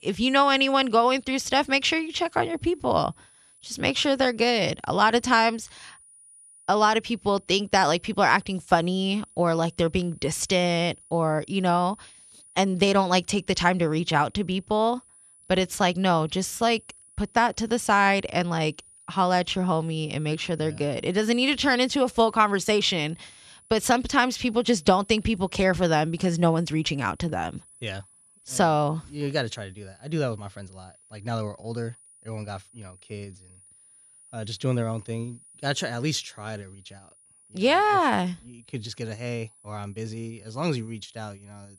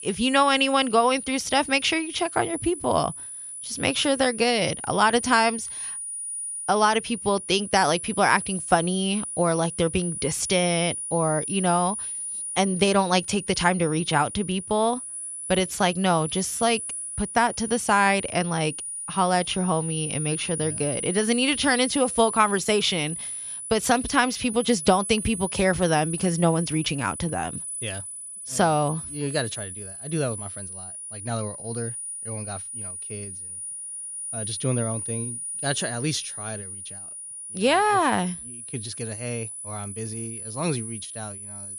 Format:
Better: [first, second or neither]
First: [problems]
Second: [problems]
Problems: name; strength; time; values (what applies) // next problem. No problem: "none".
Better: first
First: high-pitched whine; faint; throughout; 9.5 kHz, 30 dB below the speech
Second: high-pitched whine; loud; throughout; 9.5 kHz, 8 dB below the speech